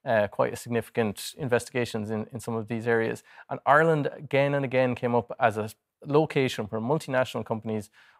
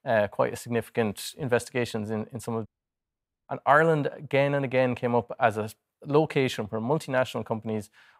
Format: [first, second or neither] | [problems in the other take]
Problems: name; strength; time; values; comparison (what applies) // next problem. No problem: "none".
first | audio cutting out; at 2.5 s for 1 s